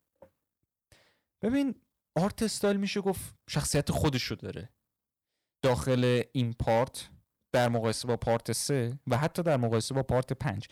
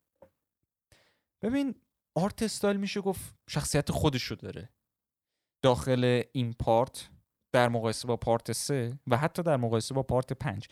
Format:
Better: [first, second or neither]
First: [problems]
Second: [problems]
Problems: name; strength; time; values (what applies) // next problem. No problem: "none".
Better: second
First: distortion; slight; 3% of the sound clipped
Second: none